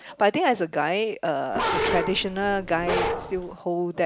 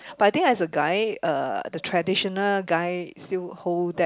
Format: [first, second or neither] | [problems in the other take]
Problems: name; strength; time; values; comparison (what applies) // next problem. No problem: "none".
second | background sound (Bark); 2 dB below the speech